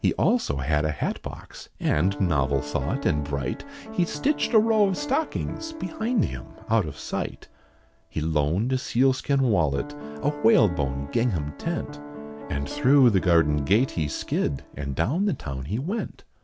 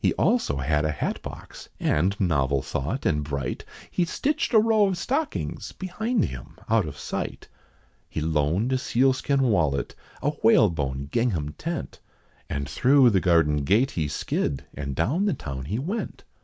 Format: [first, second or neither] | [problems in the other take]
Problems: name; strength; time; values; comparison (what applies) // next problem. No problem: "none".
second | background sound (Piano); 14 dB below the speech